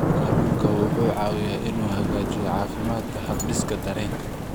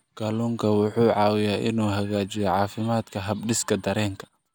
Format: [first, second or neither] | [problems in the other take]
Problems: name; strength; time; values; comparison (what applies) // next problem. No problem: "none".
second | background sound (Thunder / Rain); 3 dB above the speech